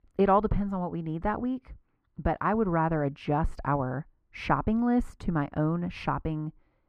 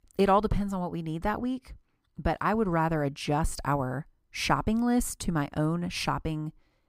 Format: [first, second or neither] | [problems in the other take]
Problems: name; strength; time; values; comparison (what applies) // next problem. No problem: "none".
second | muffled; very; fading above 4 kHz